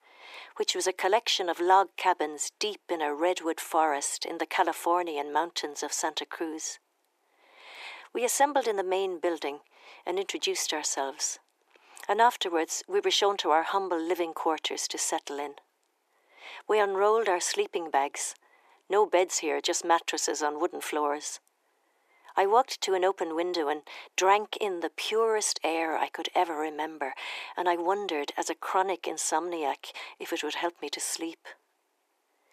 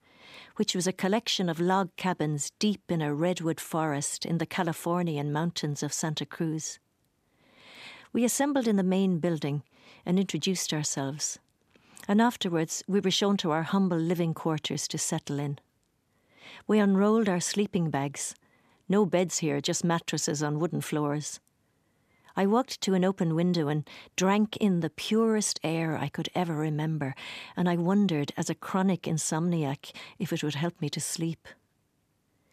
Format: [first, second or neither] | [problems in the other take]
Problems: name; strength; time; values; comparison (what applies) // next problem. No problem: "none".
second | thin; very; fading below 350 Hz